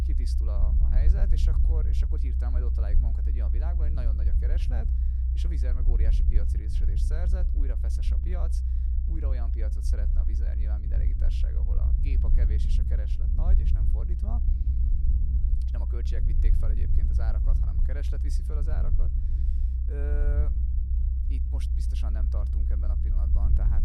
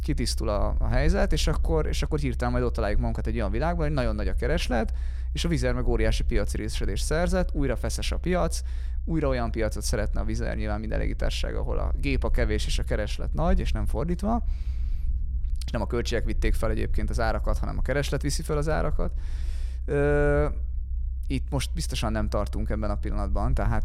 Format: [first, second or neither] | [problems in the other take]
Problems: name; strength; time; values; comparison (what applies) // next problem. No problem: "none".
second | low rumble; loud; throughout; as loud as the speech; faint in the second